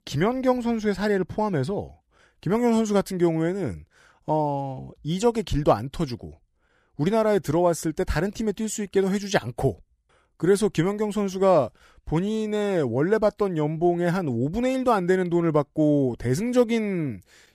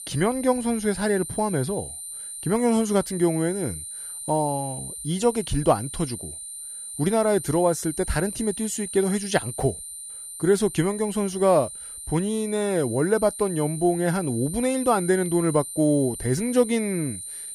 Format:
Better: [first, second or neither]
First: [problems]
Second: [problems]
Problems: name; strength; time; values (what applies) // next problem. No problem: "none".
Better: first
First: none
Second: high-pitched whine; loud; throughout; 9 kHz, 9 dB below the speech